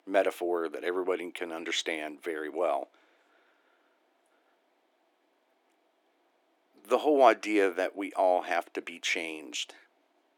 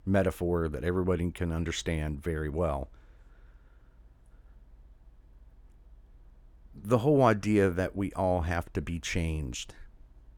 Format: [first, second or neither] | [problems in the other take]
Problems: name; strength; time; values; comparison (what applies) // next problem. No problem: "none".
second | thin; very; fading below 300 Hz